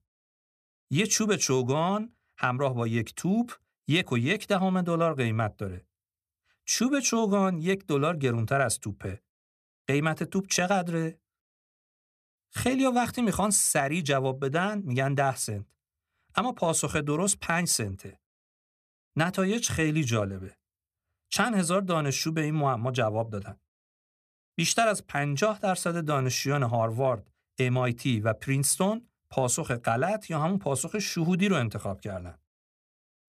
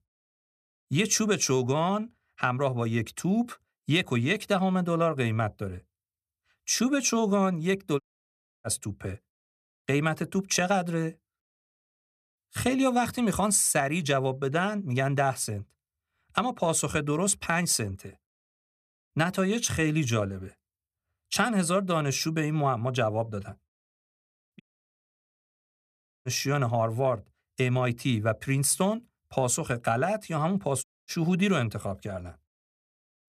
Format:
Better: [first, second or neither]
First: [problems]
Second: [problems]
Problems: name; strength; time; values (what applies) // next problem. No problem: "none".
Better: first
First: none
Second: audio cutting out; at 8 s for 0.5 s, at 25 s for 1.5 s and at 31 s